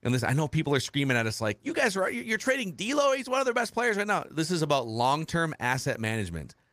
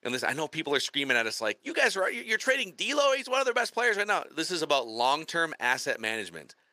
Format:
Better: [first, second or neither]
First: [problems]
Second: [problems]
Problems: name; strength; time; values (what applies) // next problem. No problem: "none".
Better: first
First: none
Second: thin; somewhat; fading below 400 Hz